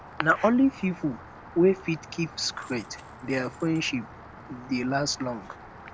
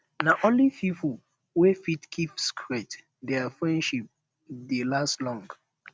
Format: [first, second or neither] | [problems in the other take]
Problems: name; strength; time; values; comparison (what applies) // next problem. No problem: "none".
second | background sound (Coin (dropping) + Rain); 17 dB below the speech